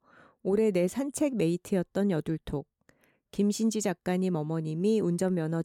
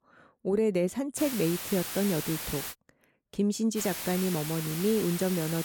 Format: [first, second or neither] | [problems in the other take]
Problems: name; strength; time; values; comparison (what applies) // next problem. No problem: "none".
first | hiss; loud; from 1 to 2.5 s and from 4 s on; 5 dB below the speech